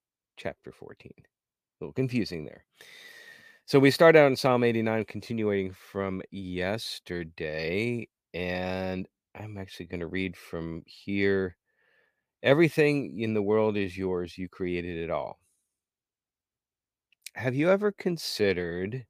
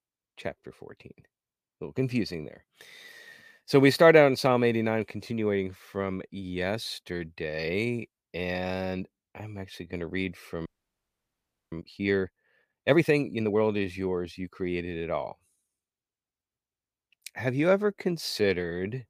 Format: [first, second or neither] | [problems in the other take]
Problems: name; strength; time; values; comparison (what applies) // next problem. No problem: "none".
first | audio freezing; at 11 s for 1 s